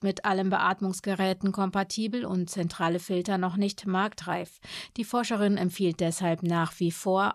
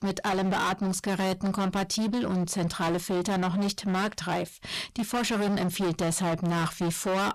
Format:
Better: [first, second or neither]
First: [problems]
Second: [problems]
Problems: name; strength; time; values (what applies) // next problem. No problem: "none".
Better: first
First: none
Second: distortion; heavy; 33% of the sound clipped